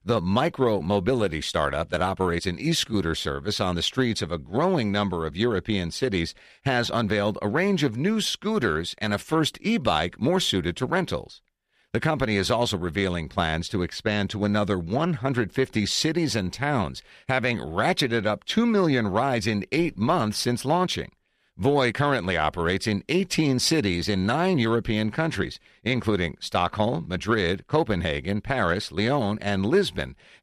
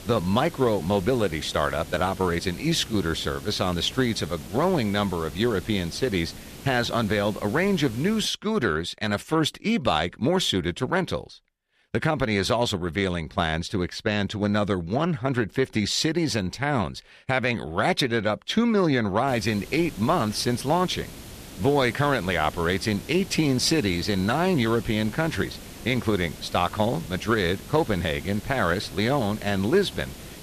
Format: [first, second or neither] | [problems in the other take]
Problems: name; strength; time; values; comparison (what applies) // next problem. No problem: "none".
first | hiss; noticeable; until 8.5 s and from 19 s on; 15 dB below the speech